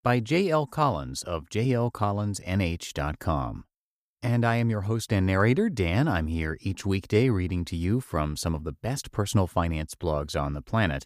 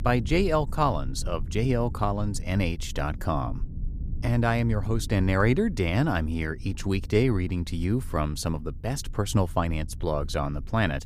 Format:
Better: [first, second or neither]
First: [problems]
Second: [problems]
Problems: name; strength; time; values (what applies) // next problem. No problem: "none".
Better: first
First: none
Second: low rumble; faint; throughout; 25 dB below the speech